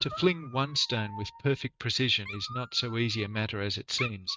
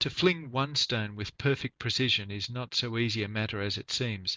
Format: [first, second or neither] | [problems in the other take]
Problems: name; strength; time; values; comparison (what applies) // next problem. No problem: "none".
second | noise reduction (neural mask model RNNoise)